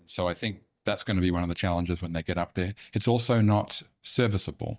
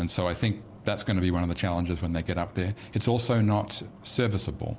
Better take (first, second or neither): second